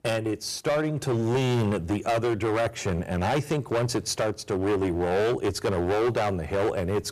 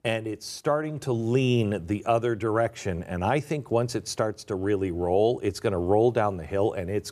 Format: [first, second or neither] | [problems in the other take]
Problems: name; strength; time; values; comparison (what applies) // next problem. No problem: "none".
second | distortion; heavy; 18% of the sound clipped